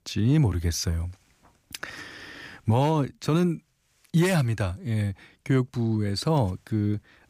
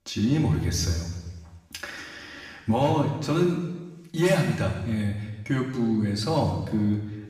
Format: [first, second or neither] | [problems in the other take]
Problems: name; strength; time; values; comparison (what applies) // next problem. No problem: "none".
first | room echo; noticeable; dies away in 1.1 s // off-mic speech; far